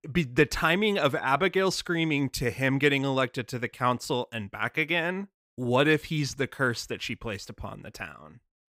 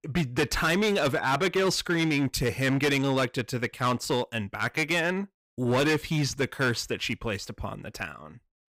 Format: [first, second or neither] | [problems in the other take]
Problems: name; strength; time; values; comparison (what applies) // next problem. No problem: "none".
first | distortion; heavy; 10% of the sound clipped